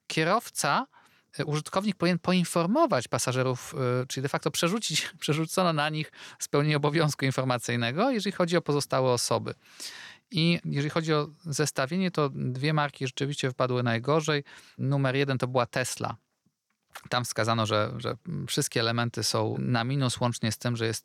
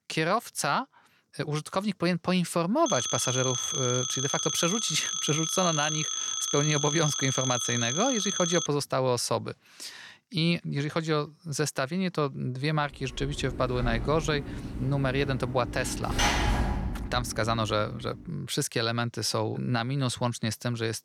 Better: first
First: none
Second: phone ringing; loud; from 3 to 8.5 s; peak 1 dB above the speech // door banging; loud; from 13 to 18 s; peak 4 dB above the speech

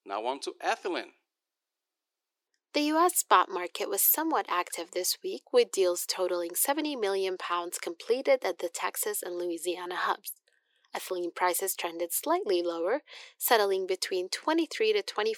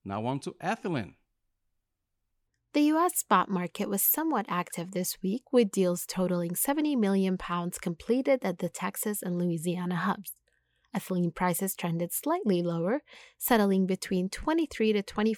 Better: second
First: thin; very; fading below 350 Hz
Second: none

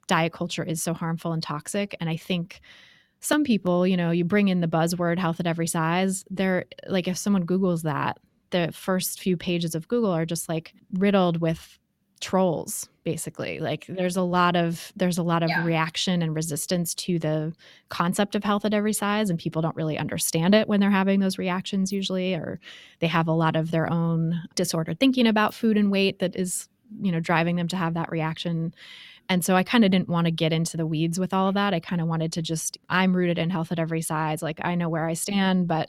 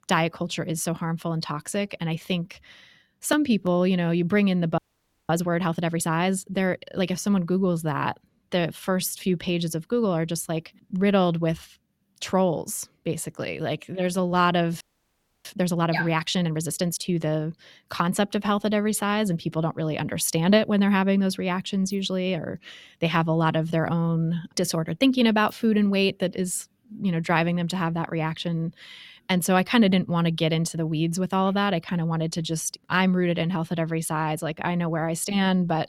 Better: first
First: none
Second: audio freezing; at 5 s for 0.5 s and at 15 s for 0.5 s

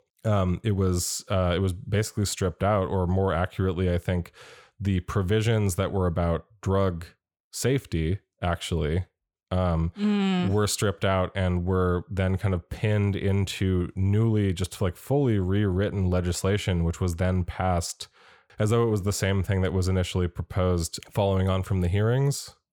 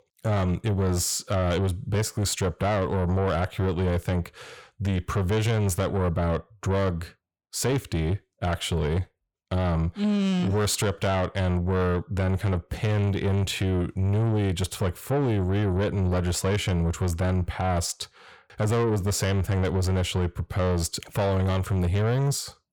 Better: first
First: none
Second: distortion; slight; 10 dB below the speech

